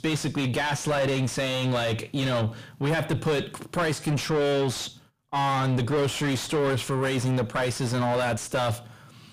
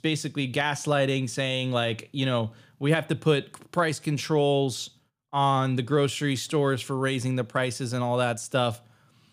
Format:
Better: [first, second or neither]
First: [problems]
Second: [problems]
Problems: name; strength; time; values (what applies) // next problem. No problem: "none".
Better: second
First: distortion; heavy; 5 dB below the speech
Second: none